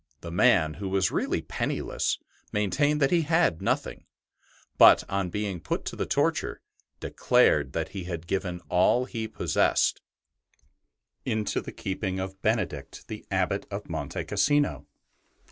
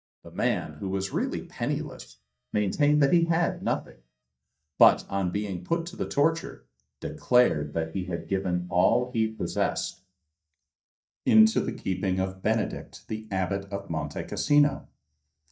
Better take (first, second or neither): first